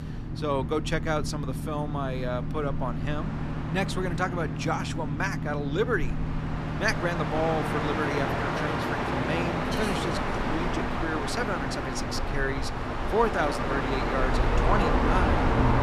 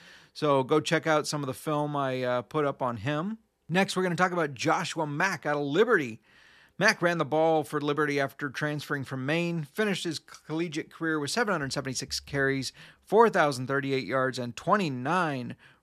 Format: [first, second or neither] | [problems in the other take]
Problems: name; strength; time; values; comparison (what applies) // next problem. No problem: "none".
second | train or aircraft noise; very loud; throughout; 2 dB above the speech